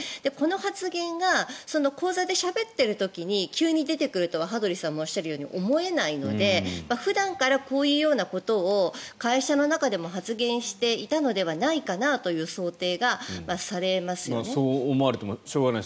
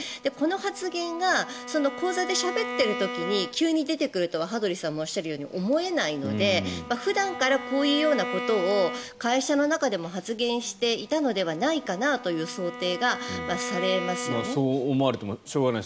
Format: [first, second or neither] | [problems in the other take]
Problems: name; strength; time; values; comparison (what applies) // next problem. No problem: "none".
first | background sound (Bowed string instrument); 11 dB below the speech